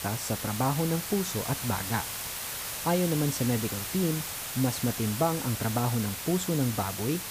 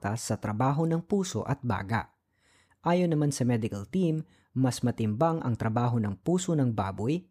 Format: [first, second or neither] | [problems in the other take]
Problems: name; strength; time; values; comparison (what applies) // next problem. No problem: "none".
second | hiss; loud; throughout; 4 dB below the speech